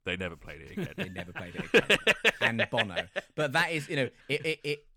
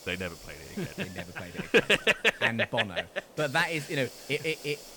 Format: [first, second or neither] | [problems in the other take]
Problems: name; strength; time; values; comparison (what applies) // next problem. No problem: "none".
first | hiss; noticeable; throughout; 20 dB below the speech